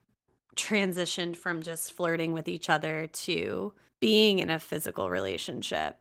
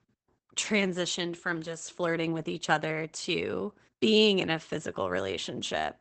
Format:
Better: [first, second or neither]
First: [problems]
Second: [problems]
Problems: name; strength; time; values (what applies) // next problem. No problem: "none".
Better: first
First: garbled, watery; slightly; nothing above 16 kHz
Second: garbled, watery; badly; nothing above 8 kHz